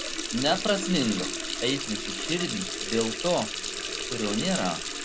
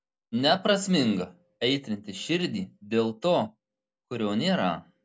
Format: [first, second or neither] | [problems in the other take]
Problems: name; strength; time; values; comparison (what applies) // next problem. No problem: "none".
second | background sound (Water tap, faucet); 3 dB below the speech